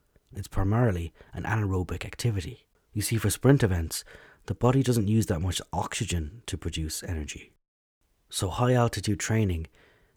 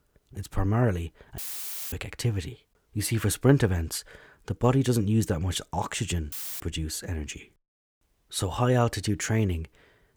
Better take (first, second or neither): first